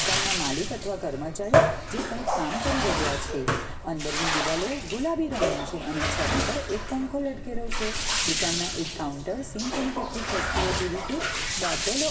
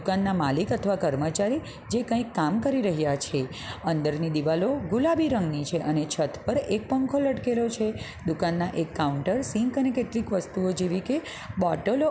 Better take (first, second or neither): second